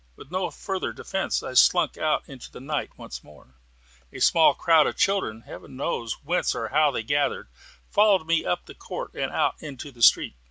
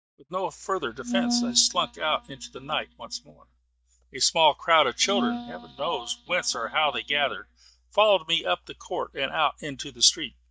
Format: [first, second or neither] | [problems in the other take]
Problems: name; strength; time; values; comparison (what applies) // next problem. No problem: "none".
first | noise reduction (neural mask model DeepFilterNet 3)